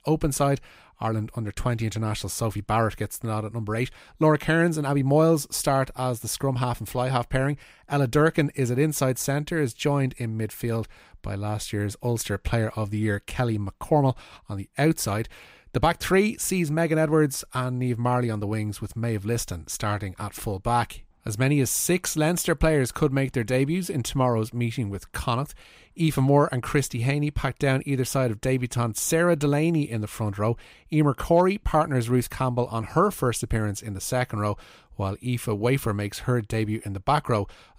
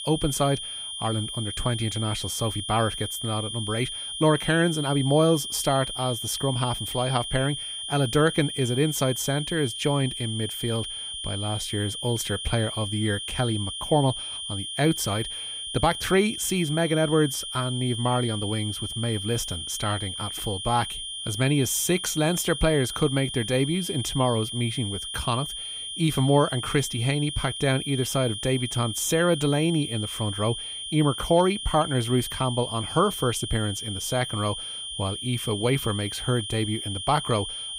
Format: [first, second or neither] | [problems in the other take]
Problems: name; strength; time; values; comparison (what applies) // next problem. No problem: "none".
first | high-pitched whine; loud; throughout; 3 kHz, 6 dB below the speech